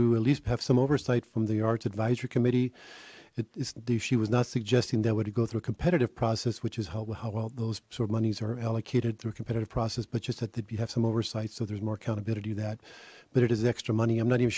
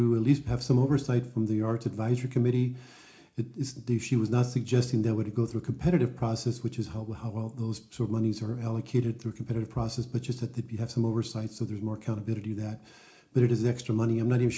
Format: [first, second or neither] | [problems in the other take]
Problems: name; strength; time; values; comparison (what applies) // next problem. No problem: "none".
first | room echo; dies away in 0.4 s